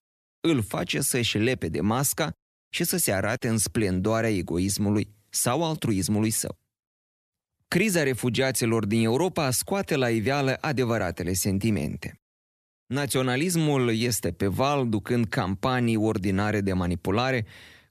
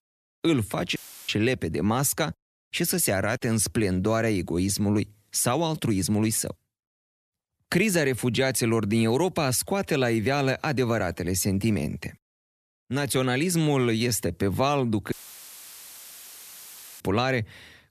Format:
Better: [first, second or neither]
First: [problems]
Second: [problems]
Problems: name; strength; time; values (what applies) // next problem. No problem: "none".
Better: first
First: none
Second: audio cutting out; filled with static; at 1 s and at 15 s for 2 s